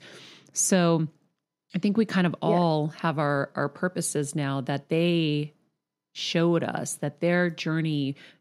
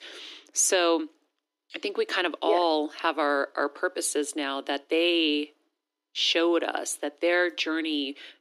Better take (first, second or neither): first